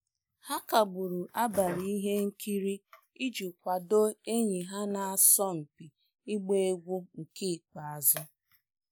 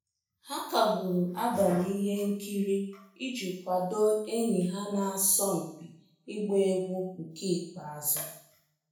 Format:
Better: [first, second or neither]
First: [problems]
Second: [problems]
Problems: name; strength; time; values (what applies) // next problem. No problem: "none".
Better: first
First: none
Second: room echo; dies away in 0.6 s